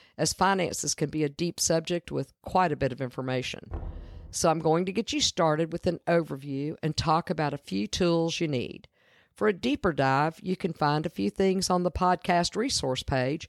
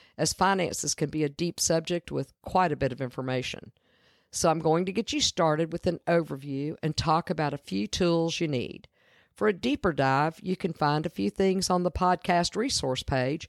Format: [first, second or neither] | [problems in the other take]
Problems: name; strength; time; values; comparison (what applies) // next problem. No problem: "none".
second | door banging; faint; at 3.5 s; peak 10 dB below the speech